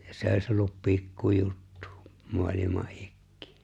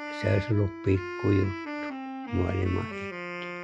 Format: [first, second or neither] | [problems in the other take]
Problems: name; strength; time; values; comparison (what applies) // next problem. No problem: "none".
first | noise reduction (classical method log-MMSE)